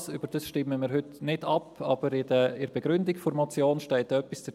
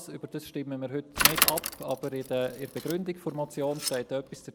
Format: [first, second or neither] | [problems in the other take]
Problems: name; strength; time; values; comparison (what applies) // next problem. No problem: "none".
first | background sound (Bicycle); 2 dB above the speech